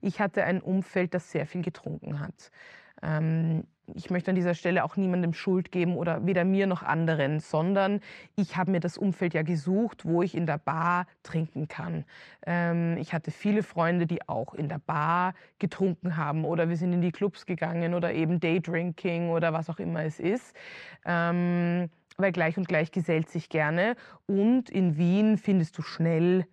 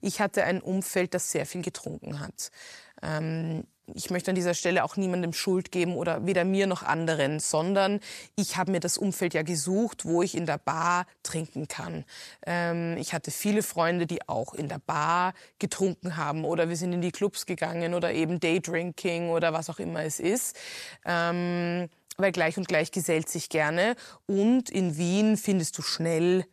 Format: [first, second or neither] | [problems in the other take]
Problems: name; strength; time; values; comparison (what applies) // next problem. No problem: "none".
second | muffled; very; fading above 2 kHz